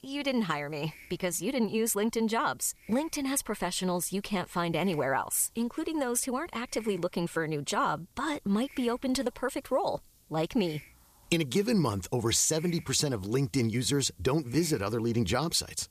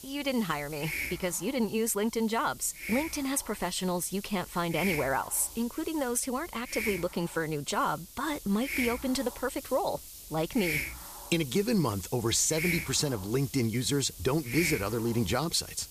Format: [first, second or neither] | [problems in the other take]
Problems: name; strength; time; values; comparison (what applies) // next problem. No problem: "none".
first | hiss; loud; throughout; 8 dB below the speech; faint in the first